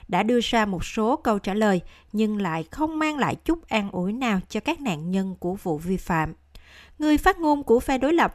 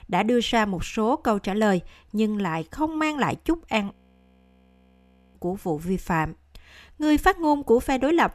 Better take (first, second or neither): first